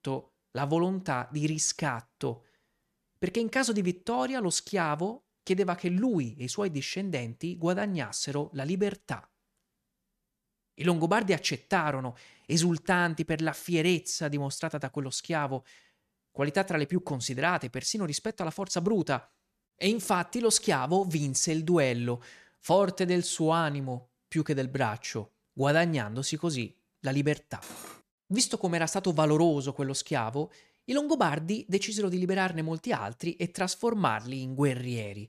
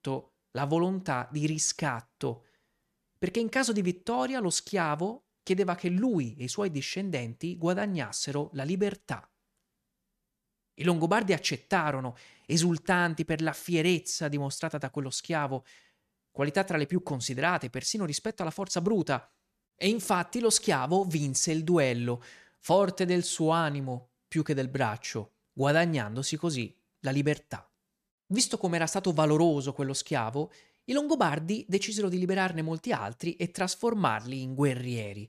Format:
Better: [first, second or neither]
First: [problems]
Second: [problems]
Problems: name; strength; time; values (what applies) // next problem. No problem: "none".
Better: second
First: clattering dishes; faint; at 28 s; peak 15 dB below the speech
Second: none